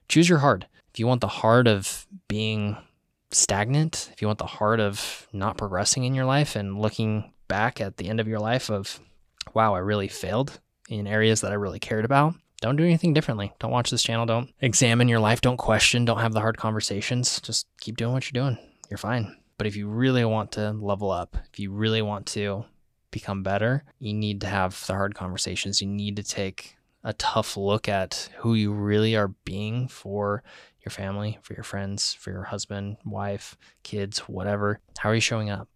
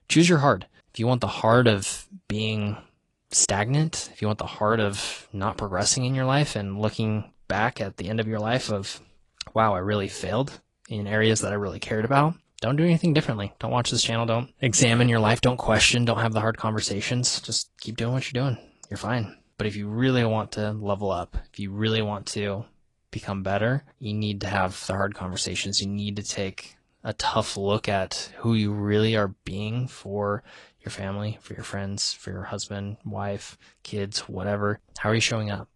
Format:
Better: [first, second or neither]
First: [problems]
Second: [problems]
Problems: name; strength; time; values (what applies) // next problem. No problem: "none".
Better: first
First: none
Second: garbled, watery; slightly